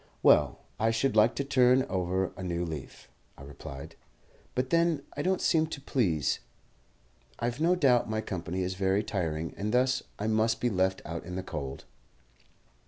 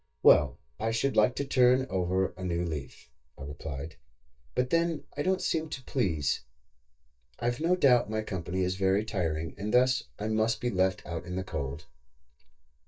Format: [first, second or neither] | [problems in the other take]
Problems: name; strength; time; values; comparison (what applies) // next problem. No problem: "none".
first | noise reduction (neural mask model DeepFilterNet 3)